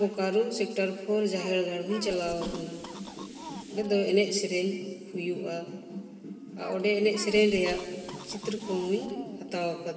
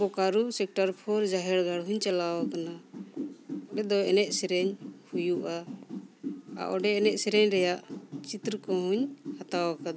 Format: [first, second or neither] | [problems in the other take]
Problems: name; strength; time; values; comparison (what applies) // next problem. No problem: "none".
second | background sound (Cough); 17 dB below the speech // room echo; dies away in 1.9 s